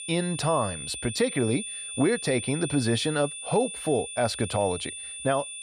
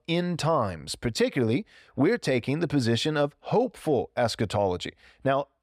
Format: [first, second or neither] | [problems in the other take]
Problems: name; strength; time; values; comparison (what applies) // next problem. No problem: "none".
second | high-pitched whine; loud; throughout; 9 kHz, 7 dB below the speech